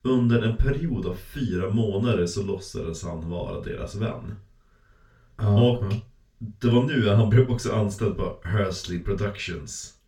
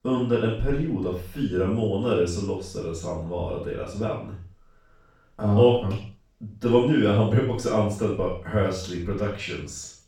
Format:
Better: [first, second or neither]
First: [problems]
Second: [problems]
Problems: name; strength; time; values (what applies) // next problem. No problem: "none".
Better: first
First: room echo; slight; dies away in 0.2 s // off-mic speech; far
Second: room echo; strong; dies away in 0.4 s // off-mic speech; far